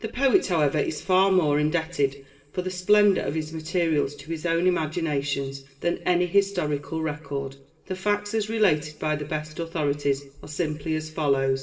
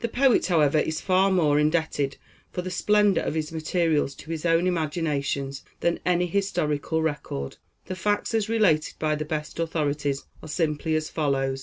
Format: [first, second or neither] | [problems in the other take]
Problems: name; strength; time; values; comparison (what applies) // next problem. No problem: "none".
second | room echo; dies away in 1 s